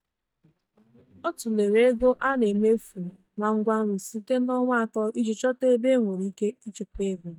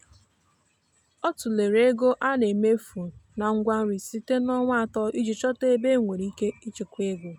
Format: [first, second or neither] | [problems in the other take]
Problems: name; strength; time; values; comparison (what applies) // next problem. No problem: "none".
second | noise reduction (neural mask model DeepFilterNet 3)